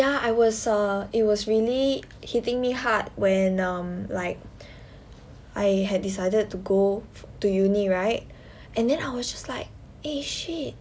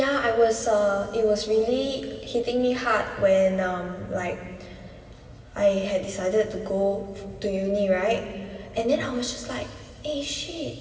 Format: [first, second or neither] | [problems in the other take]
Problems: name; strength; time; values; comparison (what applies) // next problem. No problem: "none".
first | room echo; dies away in 2.5 s